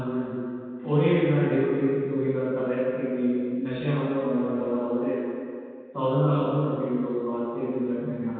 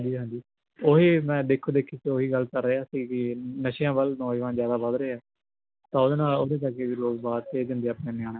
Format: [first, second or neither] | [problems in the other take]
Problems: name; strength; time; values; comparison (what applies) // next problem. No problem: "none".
second | room echo; dies away in 2.1 s